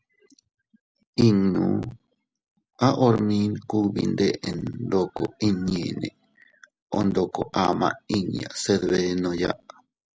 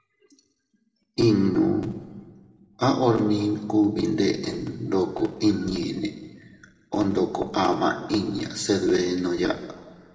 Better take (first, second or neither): first